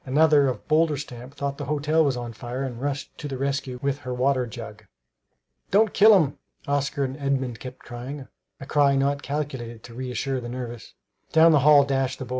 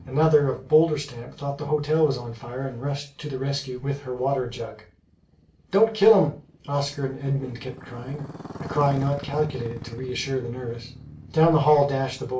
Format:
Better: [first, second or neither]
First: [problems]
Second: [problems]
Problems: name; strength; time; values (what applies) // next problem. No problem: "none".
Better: first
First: none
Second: background sound (Motorcycle); 17 dB below the speech // room echo; dies away in 0.3 s